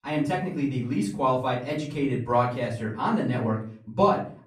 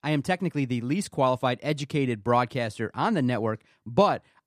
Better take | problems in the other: second | room echo; slight; dies away in 0.4 s // off-mic speech; far

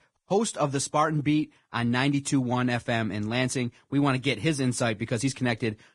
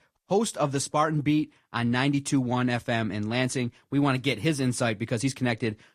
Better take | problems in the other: second | garbled, watery; badly; nothing above 10 kHz; slightly in the second

